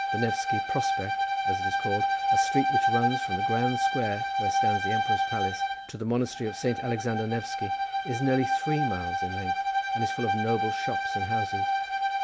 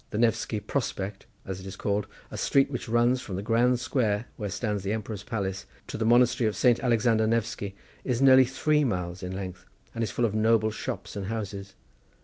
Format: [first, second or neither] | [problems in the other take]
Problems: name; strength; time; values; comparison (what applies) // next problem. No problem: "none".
second | background sound (Bowed string instrument); 4 dB above the speech